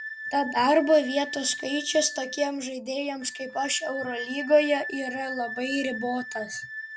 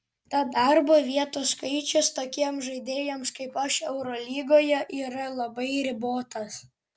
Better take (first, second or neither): second